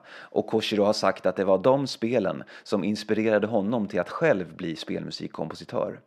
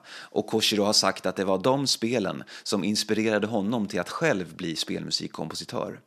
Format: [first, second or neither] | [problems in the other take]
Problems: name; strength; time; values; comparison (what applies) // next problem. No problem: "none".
second | muffled; slightly; fading above 4 kHz